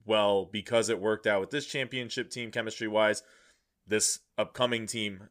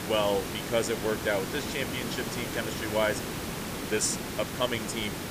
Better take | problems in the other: first | hiss; loud; throughout; 4 dB below the speech

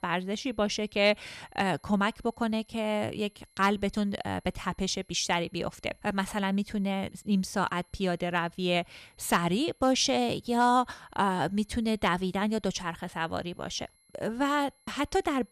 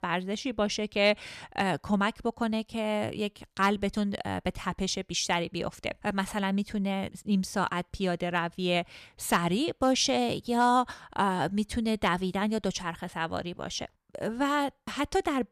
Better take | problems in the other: second | high-pitched whine; faint; throughout; 11 kHz, 35 dB below the speech

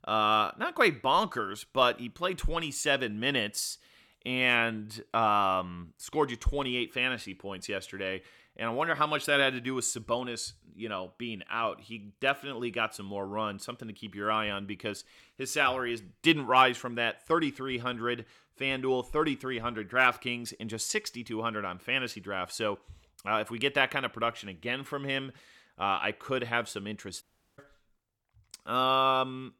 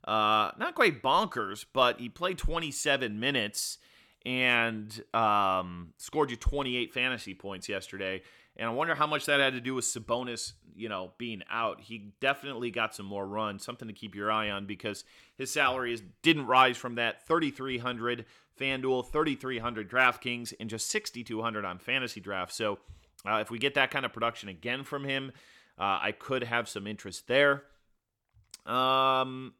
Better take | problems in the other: second | audio cutting out; at 27 s

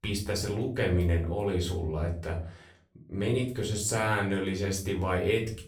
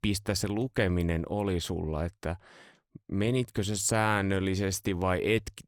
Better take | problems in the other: second | off-mic speech; far // room echo; slight; dies away in 0.4 s

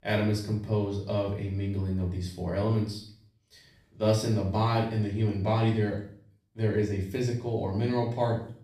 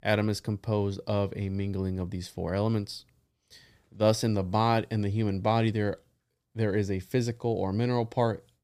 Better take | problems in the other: second | room echo; slight; dies away in 0.5 s // off-mic speech; far

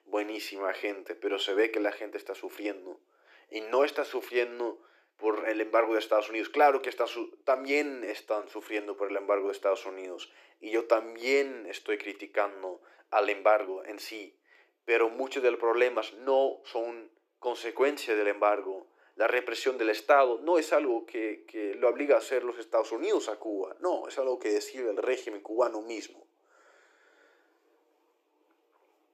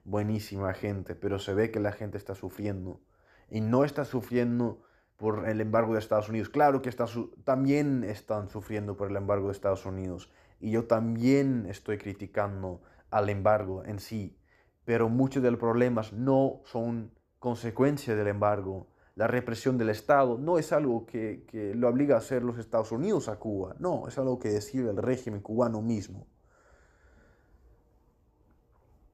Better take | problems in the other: second | thin; very; fading below 300 Hz

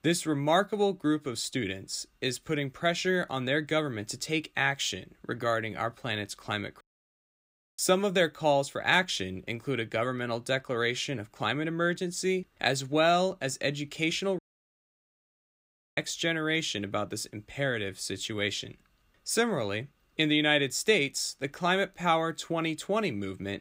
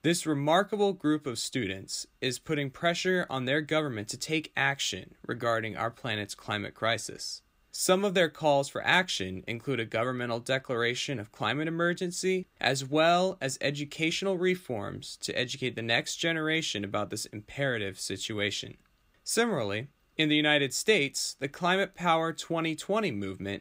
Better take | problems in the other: second | audio cutting out; at 7 s for 1 s and at 14 s for 1.5 s

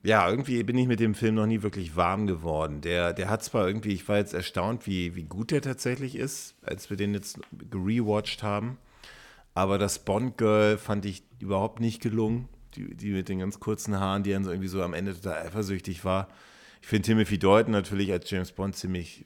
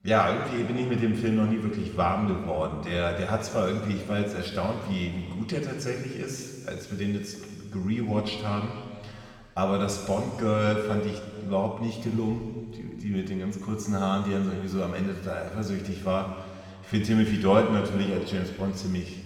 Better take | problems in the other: first | room echo; noticeable; dies away in 2.2 s // off-mic speech; somewhat distant

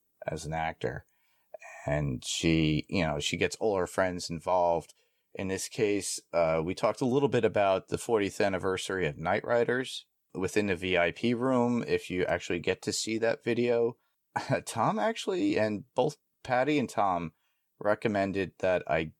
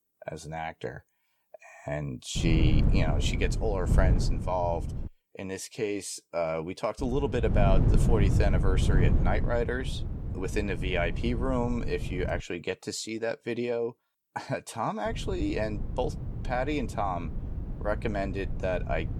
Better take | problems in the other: first | wind noise on the microphone; heavy; from 2.5 to 5 s, from 7 to 12 s and from 15 s on; 9 dB below the speech

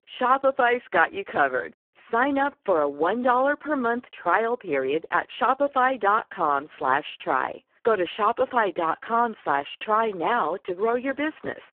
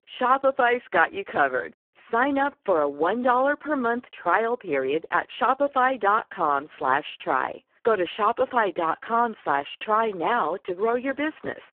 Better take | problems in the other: neither | phone-call audio; poor line; the same in both

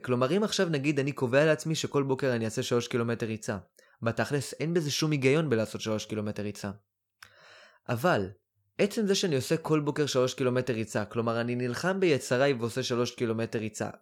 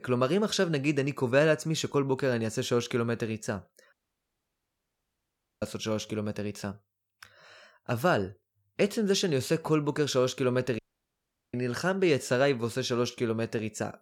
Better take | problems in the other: first | audio cutting out; at 4 s for 1.5 s and at 11 s for 0.5 s

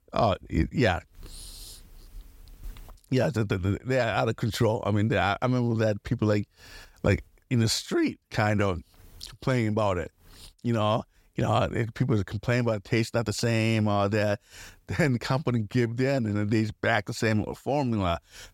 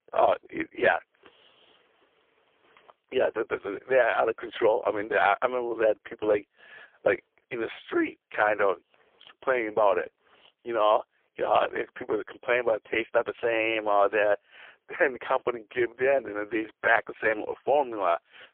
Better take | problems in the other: first | phone-call audio; poor line; nothing above 3.5 kHz

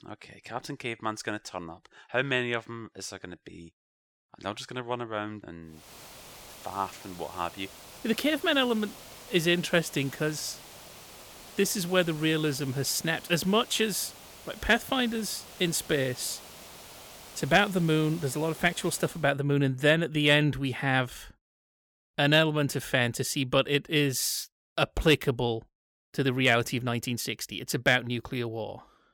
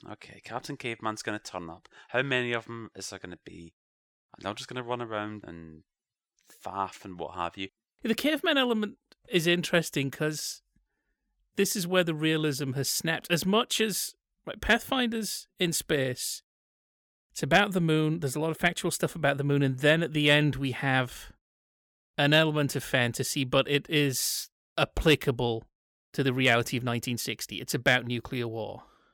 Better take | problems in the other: second | hiss; noticeable; from 6 to 19 s; 20 dB below the speech

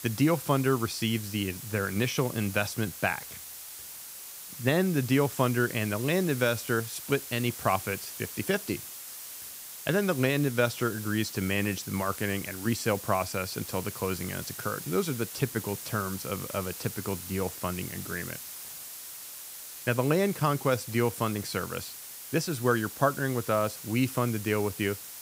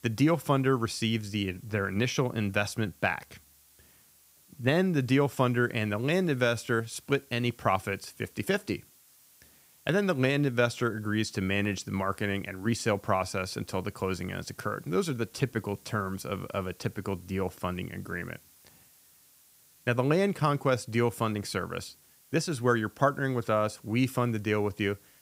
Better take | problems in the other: second | hiss; loud; throughout; 10 dB below the speech; faint in the second

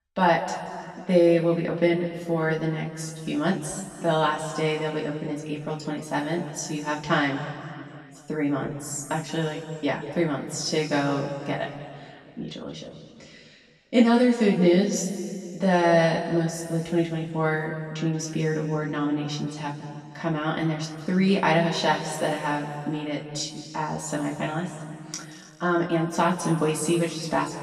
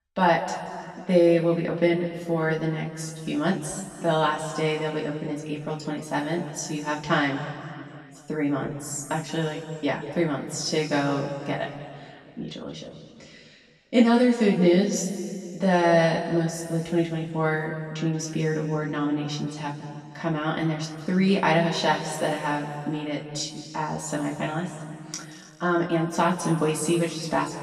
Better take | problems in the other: neither | room echo; noticeable; dies away in 2 s; the same in both // off-mic speech; far; the same in both

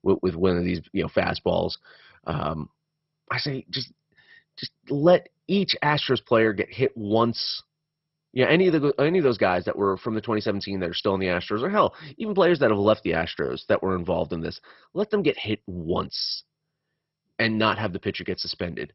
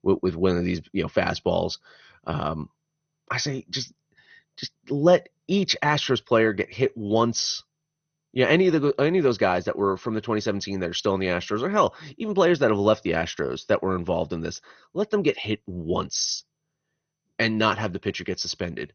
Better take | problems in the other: second | garbled, watery; badly; nothing above 5.5 kHz; slightly in the second

